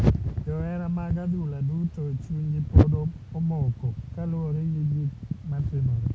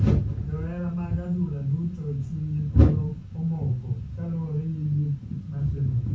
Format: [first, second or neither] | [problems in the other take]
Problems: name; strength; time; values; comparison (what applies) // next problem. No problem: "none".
first | room echo; dies away in 0.2 s